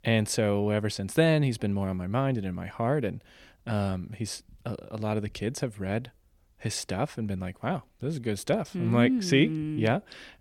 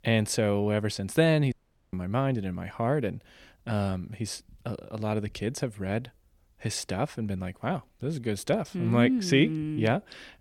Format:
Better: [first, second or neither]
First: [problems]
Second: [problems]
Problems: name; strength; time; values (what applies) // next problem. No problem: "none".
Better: first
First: none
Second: audio cutting out; at 1.5 s